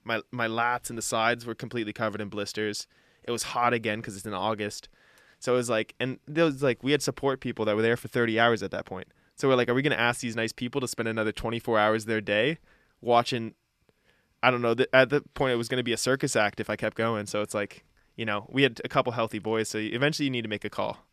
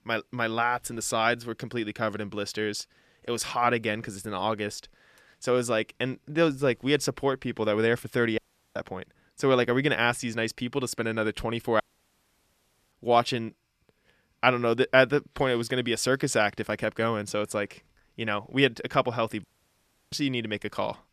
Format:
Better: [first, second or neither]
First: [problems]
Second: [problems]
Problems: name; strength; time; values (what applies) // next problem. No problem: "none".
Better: first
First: none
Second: audio cutting out; at 8.5 s, at 12 s for 1 s and at 19 s for 0.5 s